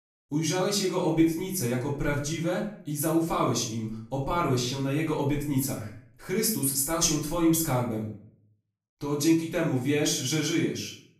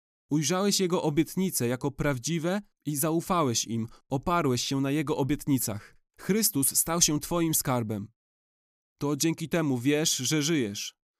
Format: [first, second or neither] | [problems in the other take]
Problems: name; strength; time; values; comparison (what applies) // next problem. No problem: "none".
second | off-mic speech; far // room echo; noticeable; dies away in 0.5 s